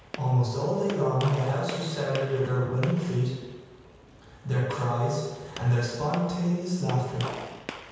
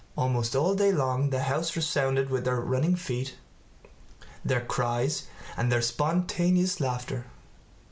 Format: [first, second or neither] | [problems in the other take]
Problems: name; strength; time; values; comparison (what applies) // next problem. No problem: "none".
second | background sound (Gunshot, gunfire); 15 dB below the speech // room echo; dies away in 1.2 s